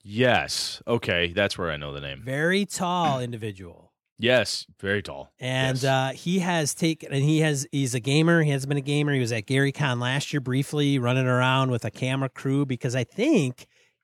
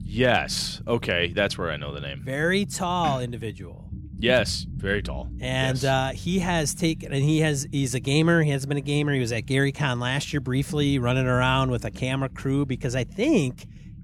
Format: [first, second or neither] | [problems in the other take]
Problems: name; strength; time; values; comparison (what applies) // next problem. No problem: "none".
first | low rumble; faint; throughout; 25 dB below the speech